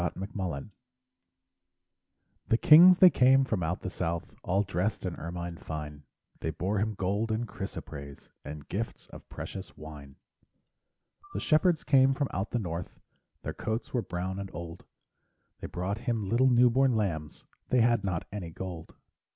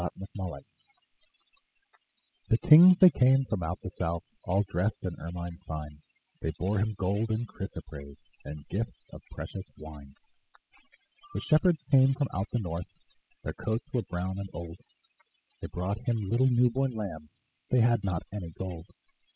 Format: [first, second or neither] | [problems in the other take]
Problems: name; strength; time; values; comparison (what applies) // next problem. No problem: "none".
first | noise reduction (classical method spectral subtraction)